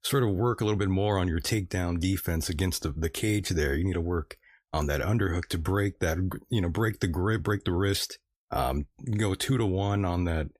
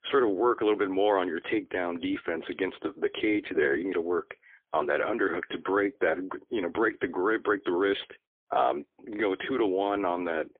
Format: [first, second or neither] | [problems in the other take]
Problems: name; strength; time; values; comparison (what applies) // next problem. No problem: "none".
first | phone-call audio; poor line; nothing above 3.5 kHz